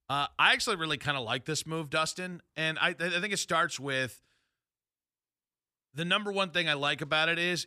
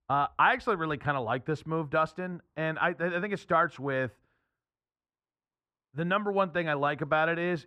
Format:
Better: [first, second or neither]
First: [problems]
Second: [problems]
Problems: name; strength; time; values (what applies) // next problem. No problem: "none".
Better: first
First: none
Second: muffled; very; fading above 3 kHz